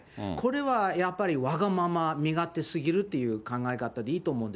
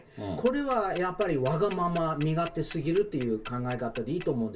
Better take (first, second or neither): first